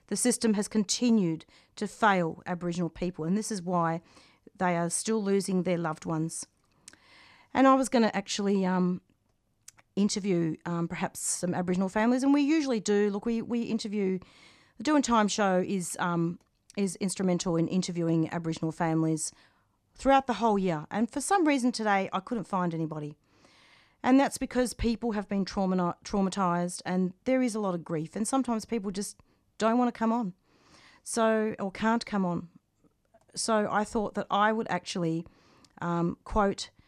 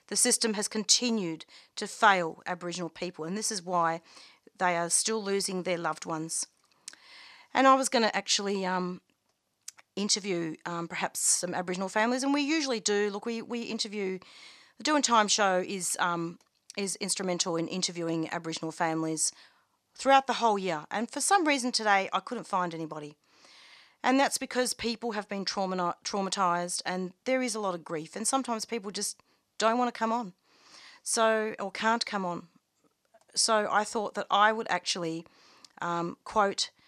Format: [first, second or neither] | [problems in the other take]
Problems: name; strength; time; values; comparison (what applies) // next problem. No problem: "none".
first | thin; somewhat; fading below 750 Hz